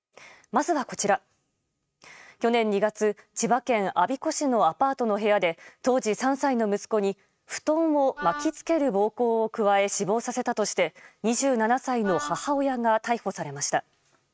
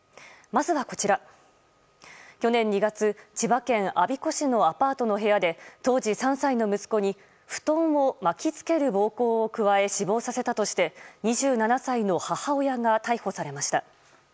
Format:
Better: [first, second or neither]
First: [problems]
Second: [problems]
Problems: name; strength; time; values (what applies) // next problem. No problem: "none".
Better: second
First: noise reduction (neural mask model RNNoise)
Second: none